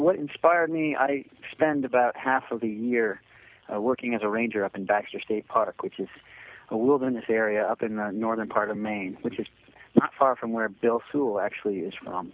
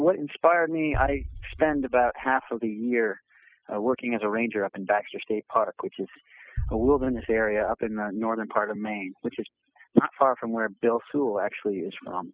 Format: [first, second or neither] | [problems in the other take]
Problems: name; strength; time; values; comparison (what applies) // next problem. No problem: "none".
first | noise reduction (classical method spectral subtraction)